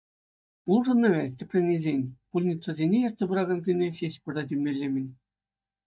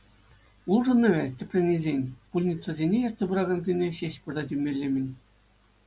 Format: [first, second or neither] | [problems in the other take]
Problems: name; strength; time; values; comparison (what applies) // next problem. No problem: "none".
second | noise reduction (neural mask model DeepFilterNet 3)